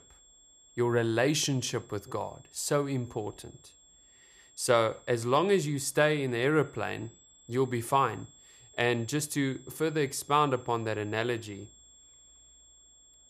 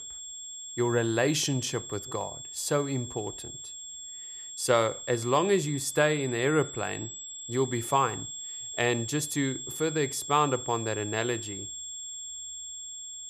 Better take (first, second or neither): first